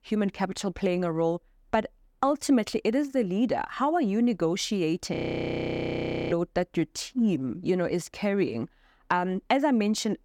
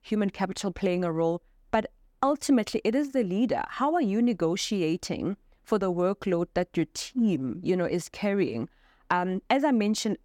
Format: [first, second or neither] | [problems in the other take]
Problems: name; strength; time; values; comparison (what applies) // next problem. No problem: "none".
second | audio freezing; at 5 s for 1 s